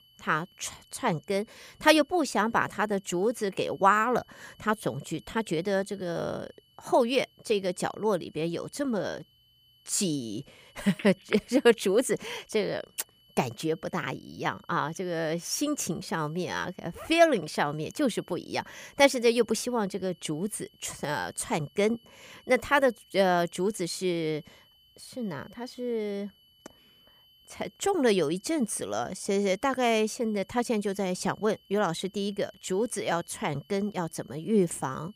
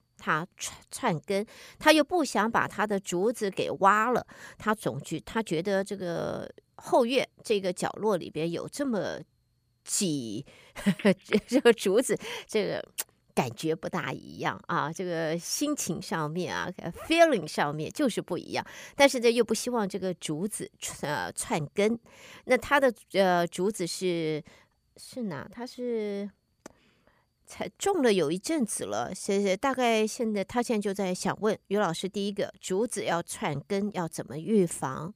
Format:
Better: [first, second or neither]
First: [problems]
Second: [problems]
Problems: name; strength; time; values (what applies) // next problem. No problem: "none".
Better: second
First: high-pitched whine; faint; throughout; 3 kHz, 30 dB below the speech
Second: none